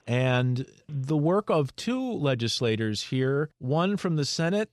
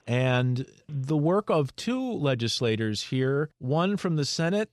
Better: neither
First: none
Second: none

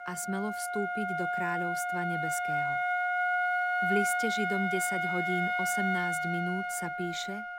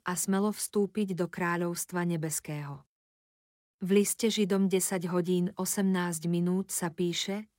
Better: second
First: background music; very loud; throughout; 5 dB above the speech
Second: none

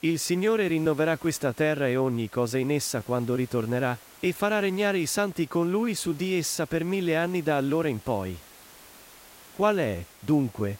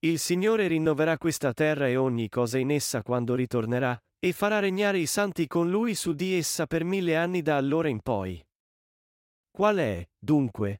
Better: second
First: hiss; faint; throughout; 25 dB below the speech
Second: none

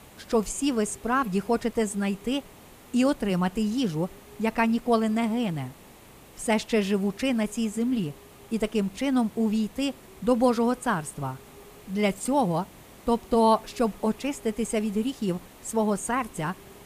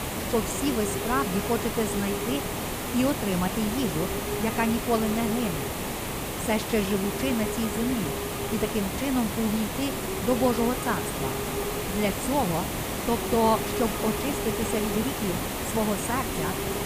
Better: first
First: hiss; faint; throughout; 20 dB below the speech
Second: hiss; loud; throughout; 1 dB below the speech

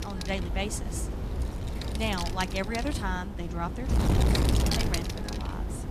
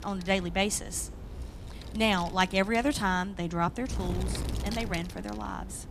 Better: second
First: wind noise on the microphone; heavy; 1 dB below the speech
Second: wind noise on the microphone; occasional gusts; 15 dB below the speech

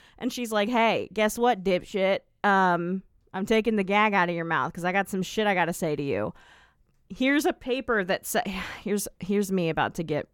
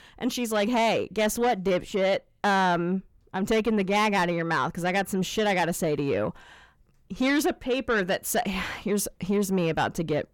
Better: first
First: none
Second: distortion; slight; 10 dB below the speech

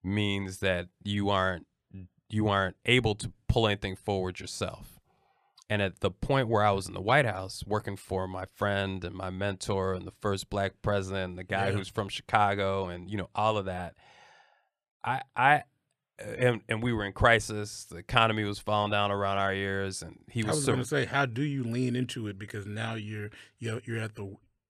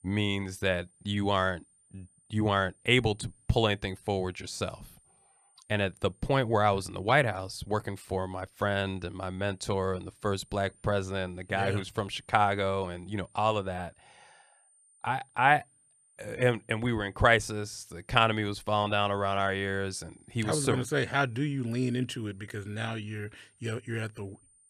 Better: first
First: none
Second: high-pitched whine; faint; throughout; 9 kHz, 30 dB below the speech

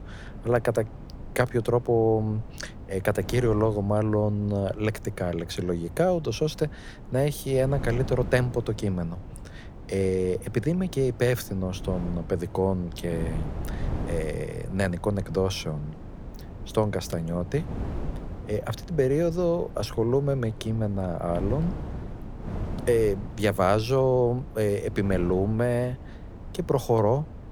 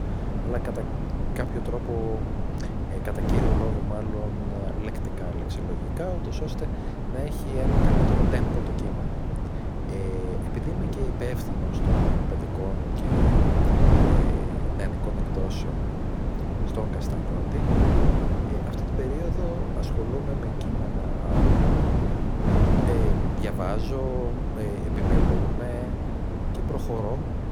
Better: first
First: wind noise on the microphone; occasional gusts; 15 dB below the speech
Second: wind noise on the microphone; heavy; 4 dB above the speech

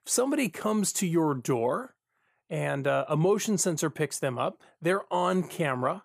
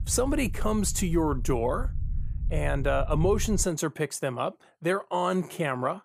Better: first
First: none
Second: low rumble; faint; until 3.5 s; 20 dB below the speech

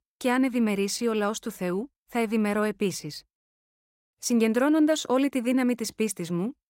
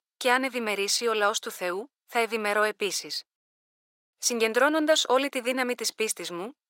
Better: first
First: none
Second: thin; somewhat; fading below 550 Hz

